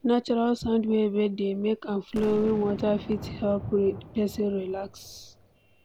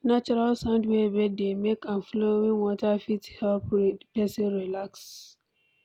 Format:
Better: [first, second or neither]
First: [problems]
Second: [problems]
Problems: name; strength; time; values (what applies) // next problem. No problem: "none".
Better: second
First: background sound (Boom); 15 dB below the speech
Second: none